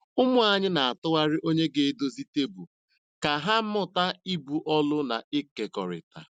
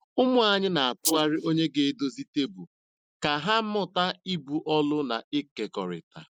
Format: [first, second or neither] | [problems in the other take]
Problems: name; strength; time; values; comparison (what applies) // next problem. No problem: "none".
first | noise reduction (neural mask model Resemble Enhance denoiser)